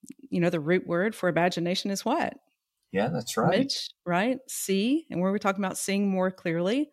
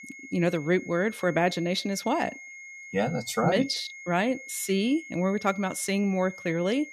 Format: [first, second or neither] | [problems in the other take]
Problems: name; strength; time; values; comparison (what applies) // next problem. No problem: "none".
first | high-pitched whine; noticeable; throughout; 2 kHz, 15 dB below the speech